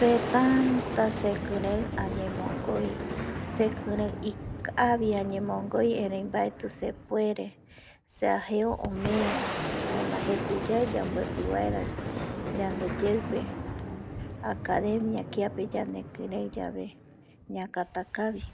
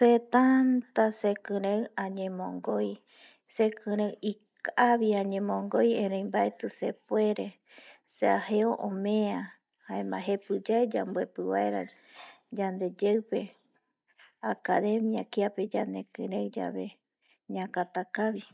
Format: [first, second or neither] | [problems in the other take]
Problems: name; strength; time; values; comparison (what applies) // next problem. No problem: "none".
second | background sound (Boom); 5 dB below the speech